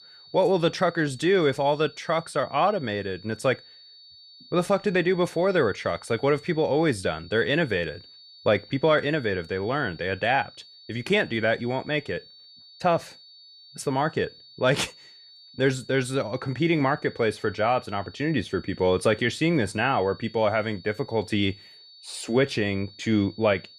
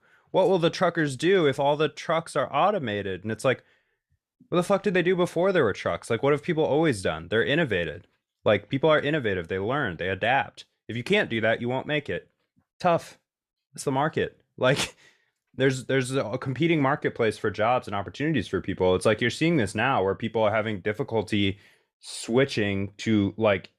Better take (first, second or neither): second